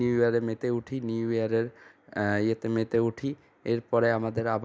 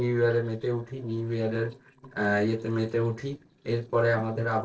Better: first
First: none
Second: noise reduction (neural separator model SepFormer DNS4)

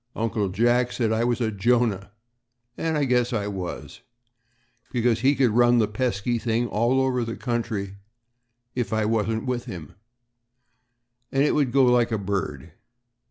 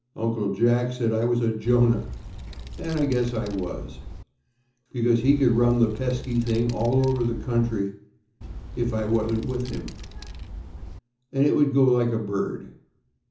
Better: first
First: none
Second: background sound (Wind); 11 dB below the speech // room echo; dies away in 0.7 s

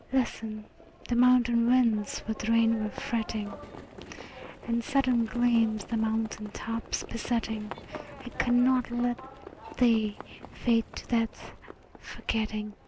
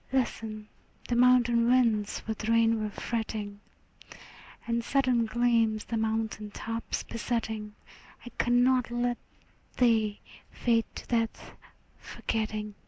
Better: second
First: background sound (Livestock, farm animals, working animals); 17 dB below the speech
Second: none

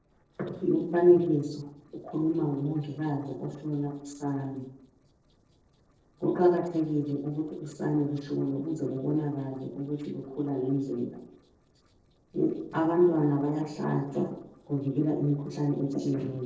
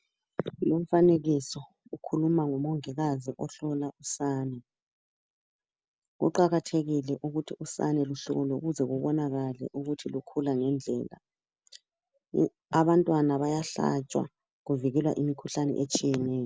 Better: second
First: noise reduction (neural separator model SepFormer DNS4)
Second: none

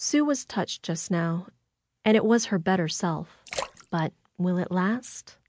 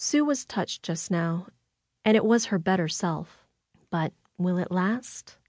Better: second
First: noise reduction (neural mask model Resemble Enhance denoiser)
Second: none

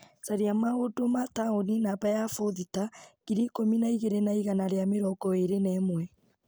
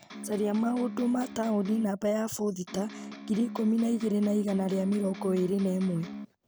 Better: first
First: none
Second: background sound (Electric guitar); 13 dB below the speech

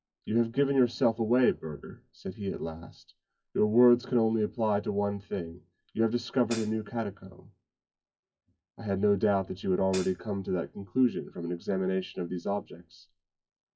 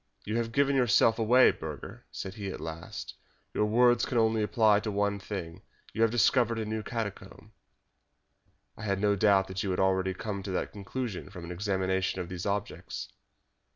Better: second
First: noise reduction (classical method WPE with log-MMSE)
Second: none

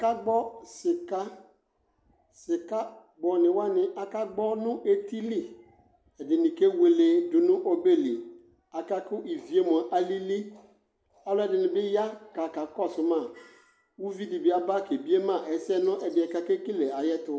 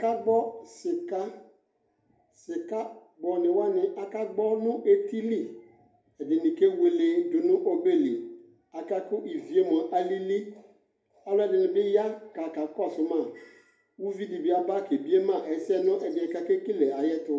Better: first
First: none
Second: room echo; dies away in 0.3 s

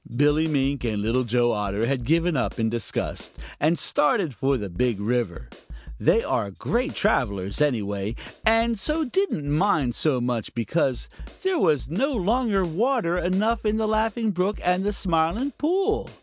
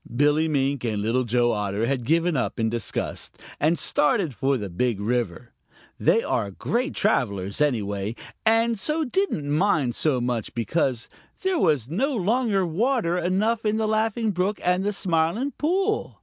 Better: second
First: background sound (Snare drum); 16 dB below the speech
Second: none

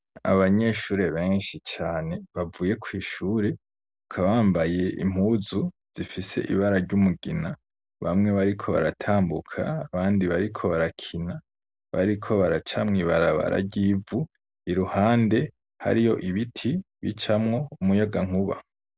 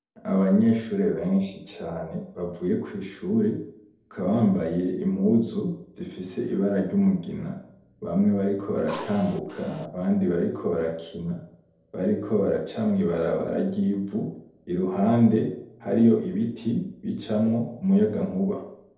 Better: first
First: none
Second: background sound (Drill); 16 dB below the speech // room echo; dies away in 2.1 s

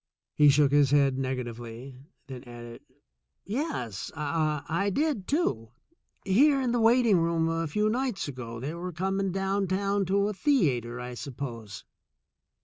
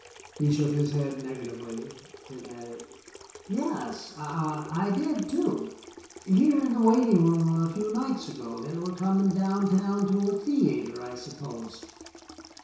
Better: first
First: none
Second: background sound (Sink (filling or washing) / Water tap, faucet); 20 dB below the speech // room echo; dies away in 0.7 s

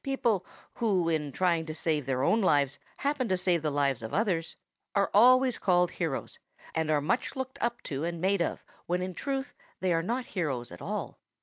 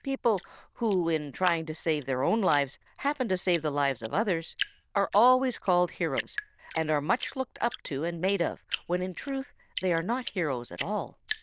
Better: first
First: none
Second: noise reduction (neural diffusion model UNIVERSE++)

